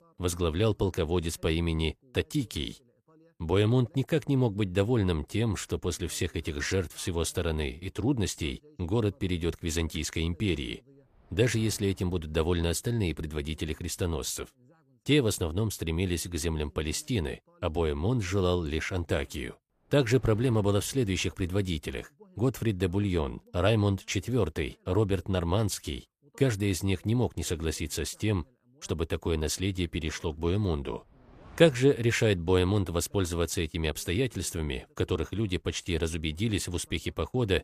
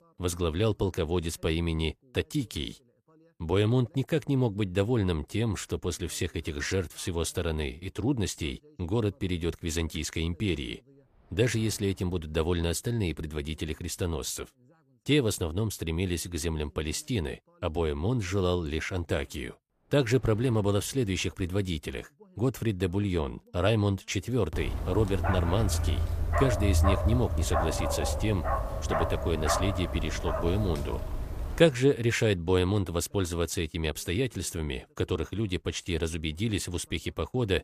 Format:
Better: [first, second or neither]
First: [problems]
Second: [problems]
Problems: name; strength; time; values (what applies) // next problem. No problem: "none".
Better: first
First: none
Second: dog barking; loud; from 25 to 32 s; peak 4 dB above the speech